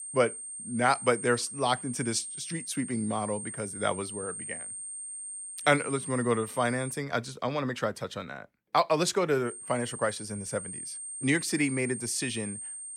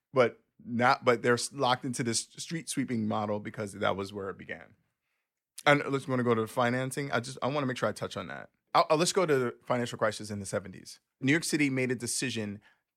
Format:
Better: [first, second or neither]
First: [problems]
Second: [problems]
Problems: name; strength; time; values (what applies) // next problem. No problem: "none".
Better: second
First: high-pitched whine; loud; until 7 s and from 9.5 s on; 8.5 kHz, 8 dB below the speech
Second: none